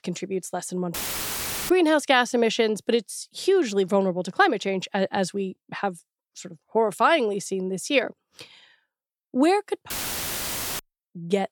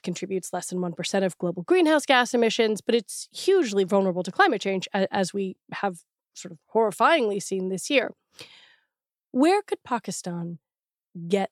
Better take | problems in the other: second | audio cutting out; filled with static; at 1 s for 1 s and at 10 s for 1 s

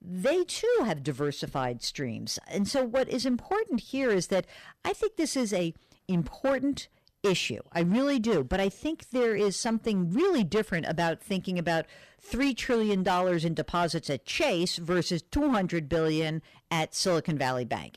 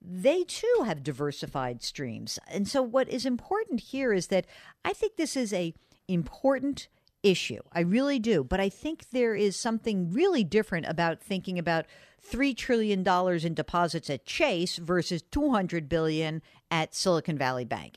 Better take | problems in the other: second | distortion; slight; 9% of the sound clipped

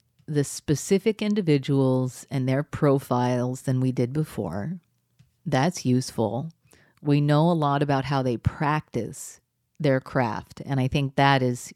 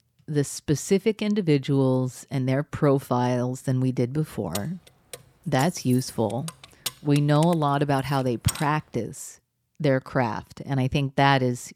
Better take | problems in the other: first | jangling keys; noticeable; from 4.5 to 8.5 s; peak 7 dB below the speech

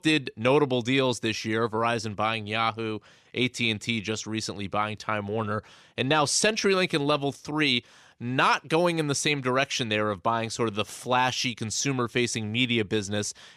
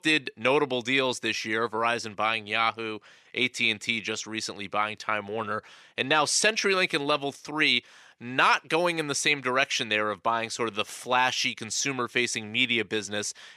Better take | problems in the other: first | thin; very slightly; fading below 400 Hz

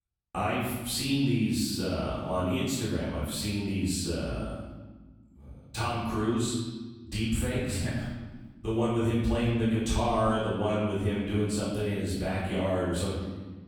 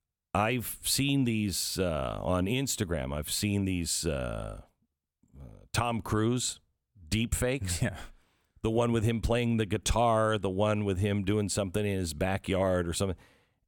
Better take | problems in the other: second | off-mic speech; far // room echo; strong; dies away in 1.2 s

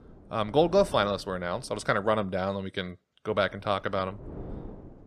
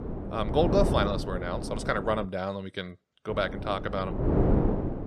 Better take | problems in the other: first | wind noise on the microphone; heavy; until 2.5 s and from 3.5 s on; 5 dB below the speech; occasional gusts in the first

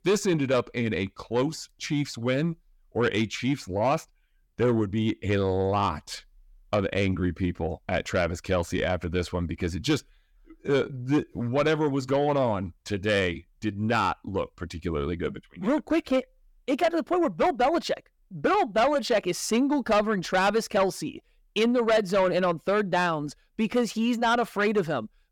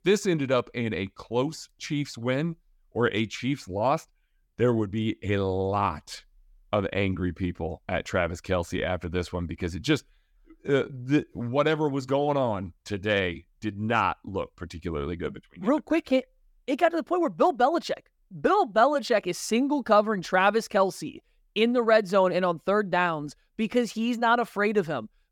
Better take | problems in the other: second | distortion; slight; 10 dB below the speech

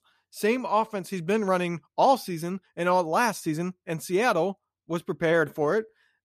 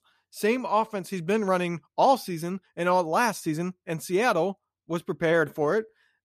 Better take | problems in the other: neither | none

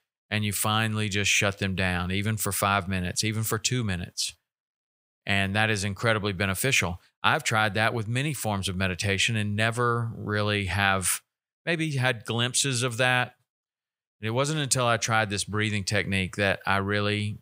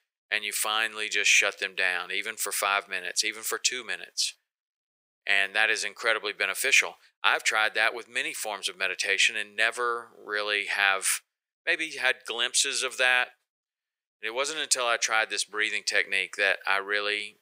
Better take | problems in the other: first | thin; very; fading below 400 Hz

